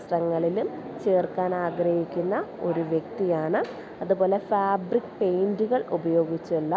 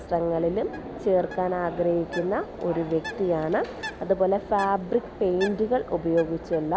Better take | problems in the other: first | background sound (Bird); 17 dB below the speech

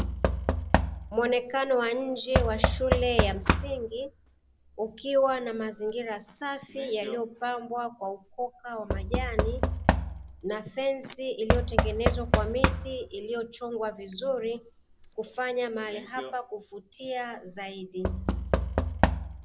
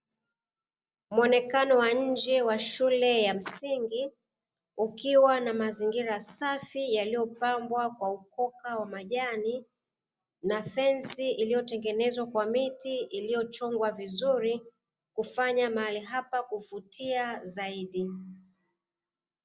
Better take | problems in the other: second | background sound (Knock / Wood); 1 dB above the speech

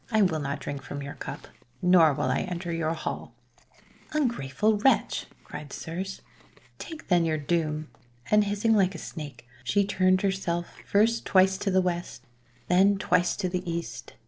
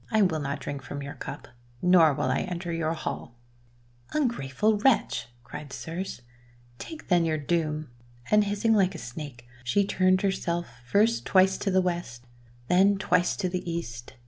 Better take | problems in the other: second | noise reduction (neural separator model SepFormer DNS4)

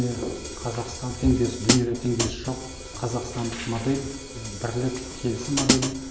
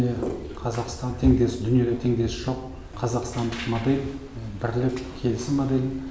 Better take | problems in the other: second | background sound (Hi-hat); 4 dB below the speech

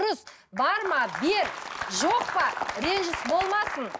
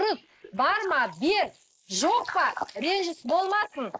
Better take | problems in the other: first | noise reduction (neural mask model Resemble Enhance denoiser)

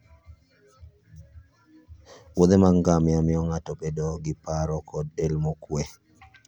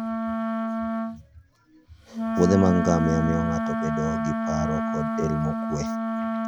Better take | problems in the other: first | background sound (Wind instrument, woodwind instrument); as loud as the speech

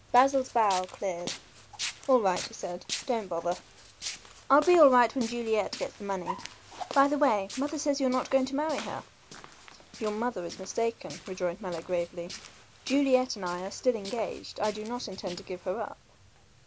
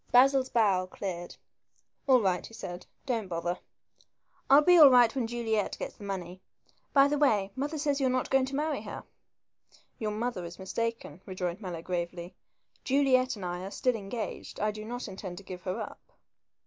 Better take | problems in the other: second | background sound (Walk, footsteps); 15 dB below the speech

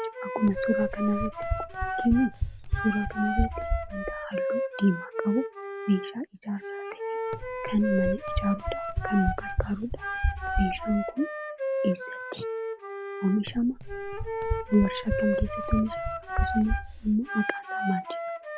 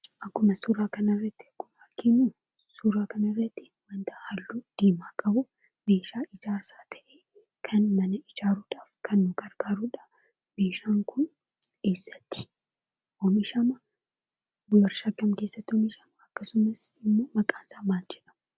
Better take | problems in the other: second | background sound (Wind instrument, woodwind instrument + Run); 1 dB below the speech

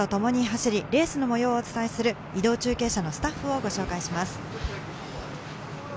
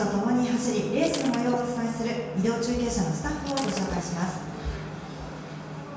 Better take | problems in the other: first | background sound (Shatter); 13 dB below the speech // room echo; dies away in 1.2 s

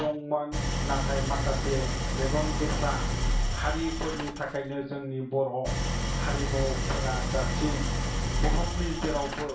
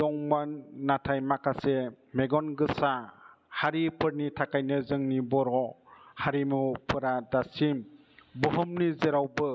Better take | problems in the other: second | background sound (Idling); 3 dB above the speech // room echo; dies away in 0.3 s

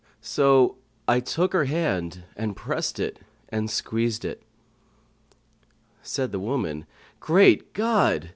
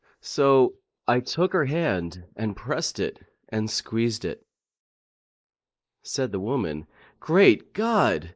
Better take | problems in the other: first | noise reduction (neural mask model Resemble Enhance denoiser)

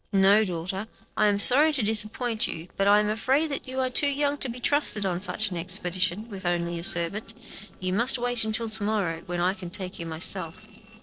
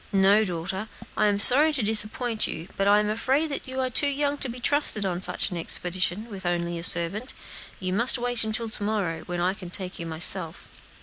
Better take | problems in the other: second | noise reduction (neural separator model SepFormer DNS4)

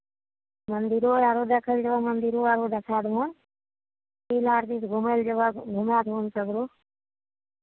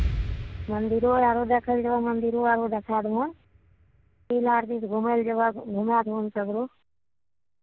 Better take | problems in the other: first | background sound (Explosion); 12 dB below the speech

